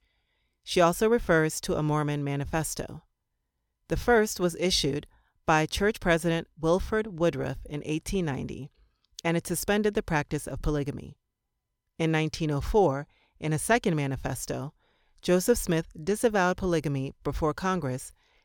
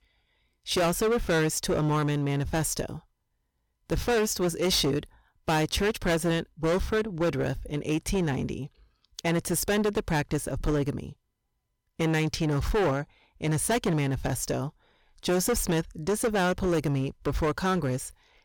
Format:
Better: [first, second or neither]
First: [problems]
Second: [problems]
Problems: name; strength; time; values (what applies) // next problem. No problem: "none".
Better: first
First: none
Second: distortion; heavy; 13% of the sound clipped